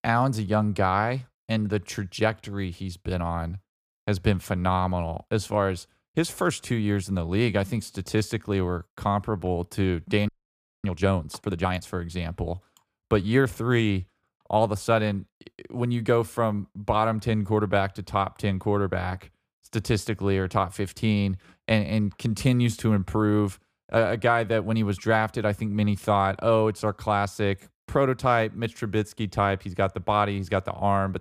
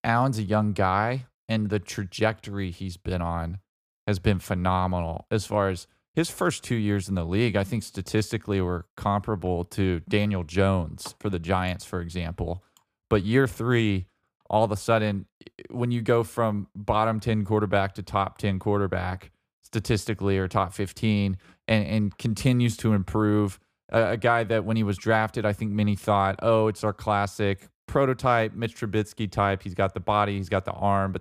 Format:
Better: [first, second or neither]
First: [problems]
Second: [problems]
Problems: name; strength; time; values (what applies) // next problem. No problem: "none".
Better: second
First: audio freezing; at 10 s for 0.5 s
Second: none